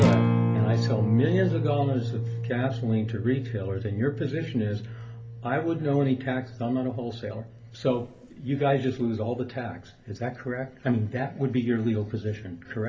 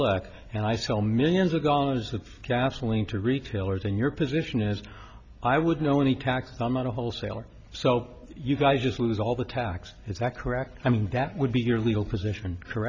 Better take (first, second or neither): second